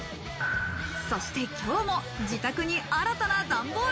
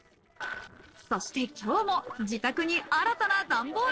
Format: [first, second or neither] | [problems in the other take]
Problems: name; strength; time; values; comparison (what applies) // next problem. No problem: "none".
first | noise reduction (neural separator model SepFormer DNS4)